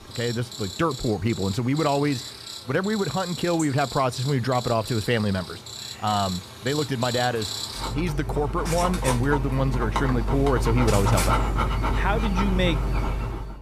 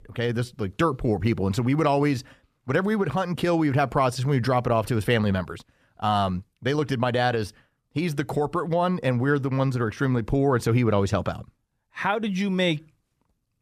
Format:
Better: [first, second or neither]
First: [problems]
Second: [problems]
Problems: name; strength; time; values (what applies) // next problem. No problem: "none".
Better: second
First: animal sounds; loud; throughout; 4 dB below the speech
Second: none